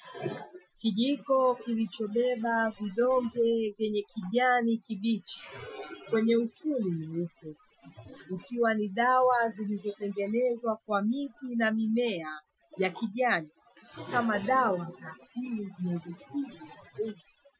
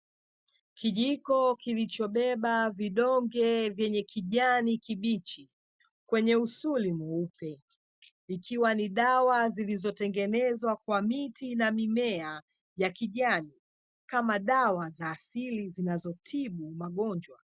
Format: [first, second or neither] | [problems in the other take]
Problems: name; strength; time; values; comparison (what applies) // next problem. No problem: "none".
second | noise reduction (classical method Wiener filter)